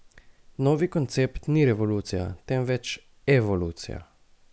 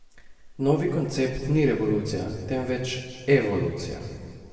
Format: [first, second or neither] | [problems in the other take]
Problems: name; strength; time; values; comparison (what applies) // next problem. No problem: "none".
first | room echo; dies away in 2 s